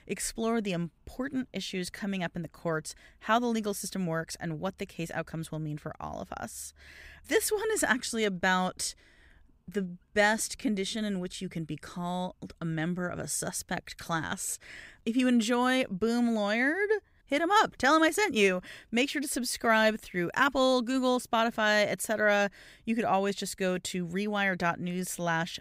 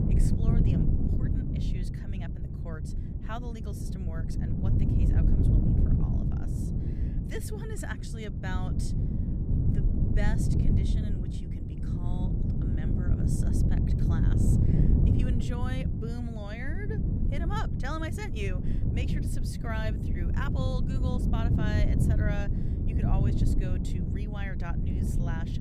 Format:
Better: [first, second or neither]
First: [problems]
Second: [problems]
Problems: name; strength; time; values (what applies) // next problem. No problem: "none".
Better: first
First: none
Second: wind noise on the microphone; heavy; 1 dB above the speech